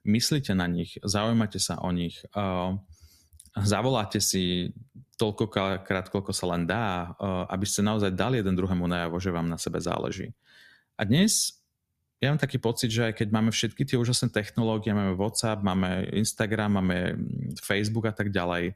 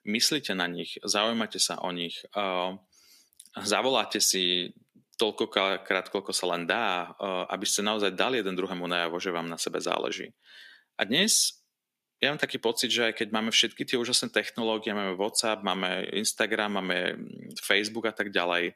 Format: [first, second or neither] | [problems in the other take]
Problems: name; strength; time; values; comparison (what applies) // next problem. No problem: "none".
first | thin; somewhat; fading below 300 Hz